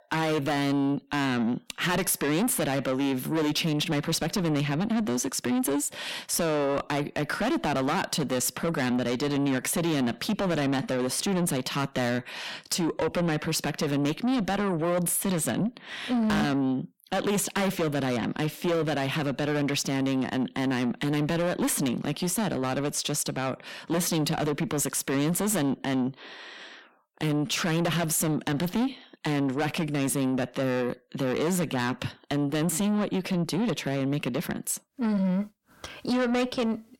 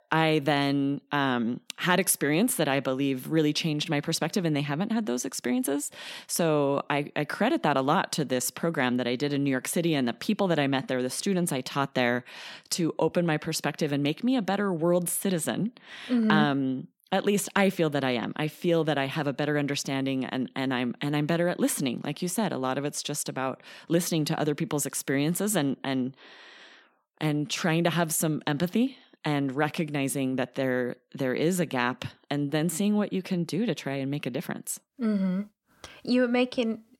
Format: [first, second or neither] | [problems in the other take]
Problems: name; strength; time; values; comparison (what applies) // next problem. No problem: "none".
second | distortion; heavy; 7 dB below the speech